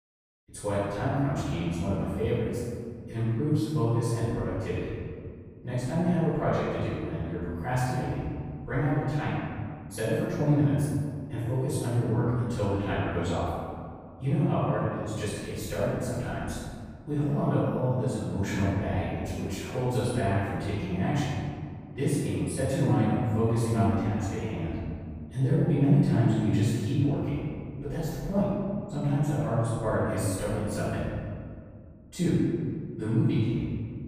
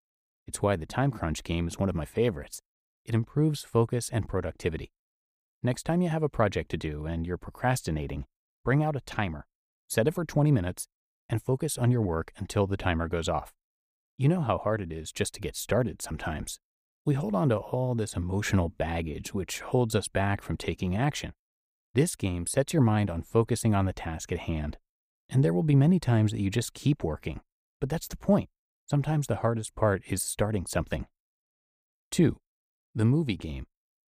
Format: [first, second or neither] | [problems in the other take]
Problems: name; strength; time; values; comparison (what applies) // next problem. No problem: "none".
second | off-mic speech; far // room echo; strong; dies away in 2.1 s